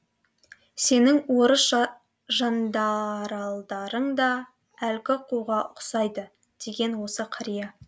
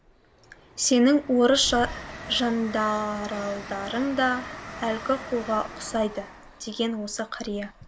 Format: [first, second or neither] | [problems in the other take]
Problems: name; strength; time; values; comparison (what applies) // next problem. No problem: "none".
first | background sound (Train); 14 dB below the speech